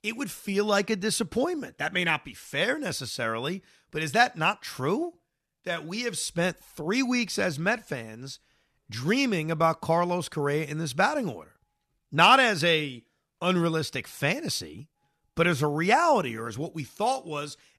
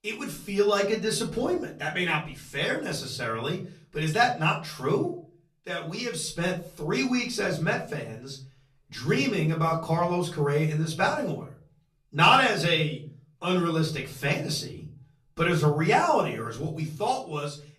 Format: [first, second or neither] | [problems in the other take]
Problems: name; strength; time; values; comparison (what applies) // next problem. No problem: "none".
first | off-mic speech; far // room echo; very slight; dies away in 0.4 s